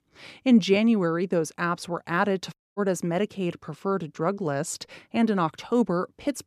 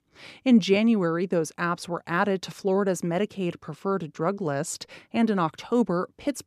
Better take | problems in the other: second | audio cutting out; at 2.5 s

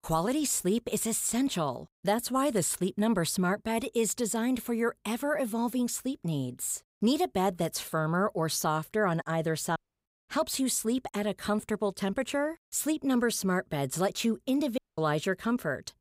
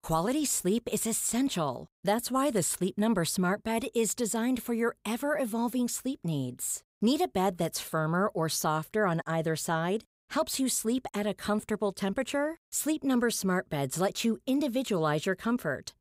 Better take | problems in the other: second | audio cutting out; at 10 s and at 15 s

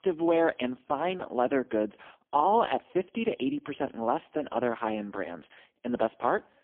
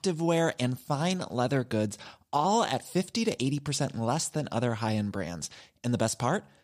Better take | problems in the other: second | phone-call audio; poor line; nothing above 3 kHz

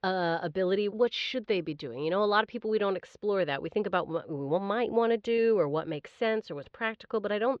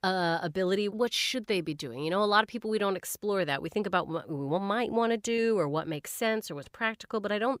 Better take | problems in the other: second | muffled; very slightly; fading above 4 kHz

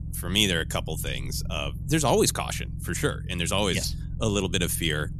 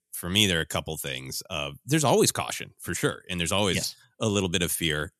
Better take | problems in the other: second | low rumble; faint; throughout; 20 dB below the speech

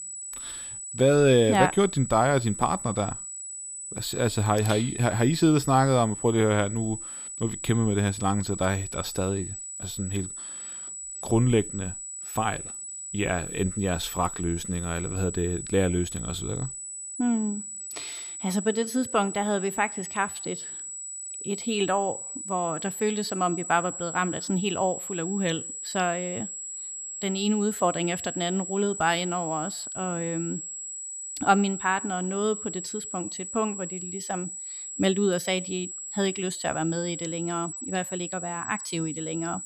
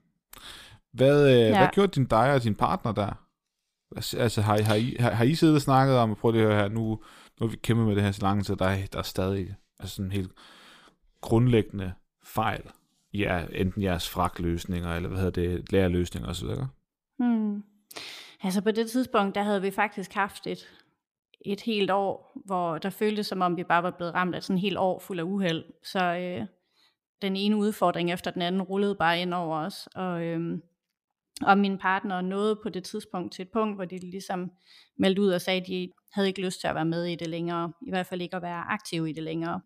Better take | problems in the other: second | high-pitched whine; loud; throughout; 8 kHz, 7 dB below the speech

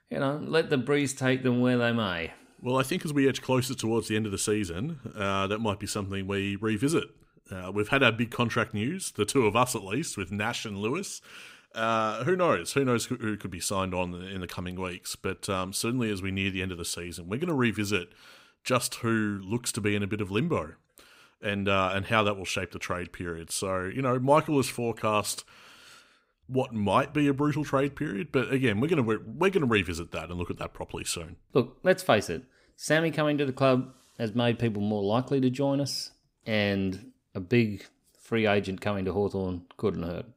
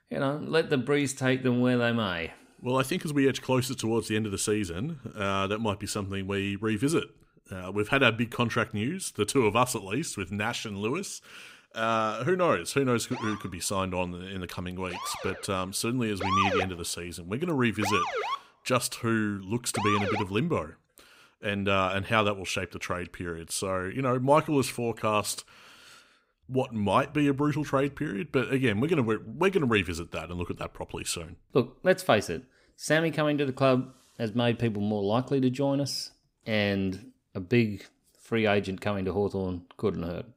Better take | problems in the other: first | siren; loud; from 13 to 20 s; peak 2 dB above the speech

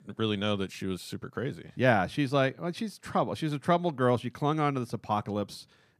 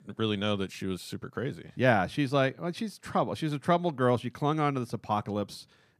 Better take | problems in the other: neither | none

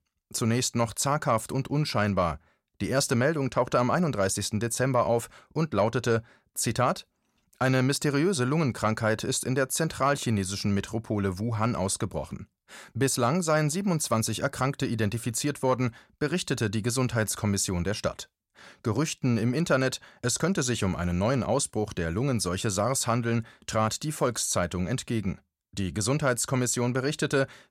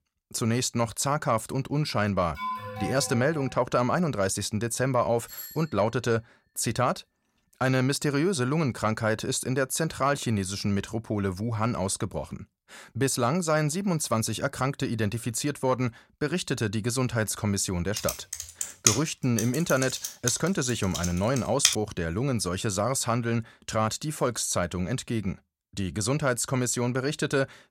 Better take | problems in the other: first | alarm; noticeable; from 2.5 to 3.5 s; peak 6 dB below the speech // doorbell; faint; at 5.5 s; peak 10 dB below the speech // keyboard typing; loud; from 18 to 22 s; peak 4 dB above the speech

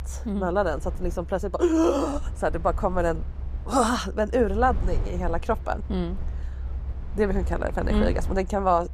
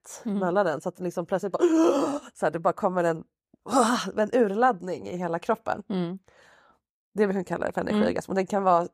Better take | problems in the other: second | low rumble; faint; throughout; 20 dB below the speech

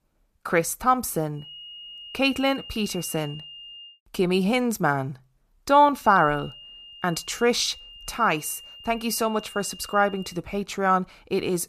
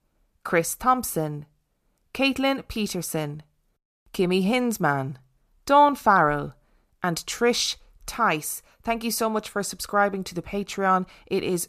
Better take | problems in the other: second | high-pitched whine; noticeable; from 1.5 to 4 s and from 6 to 10 s; 3 kHz, 15 dB below the speech

